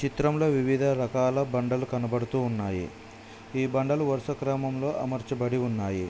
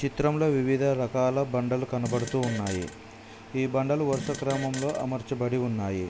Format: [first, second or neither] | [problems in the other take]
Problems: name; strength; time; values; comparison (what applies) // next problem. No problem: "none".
first | background sound (Fart); 12 dB below the speech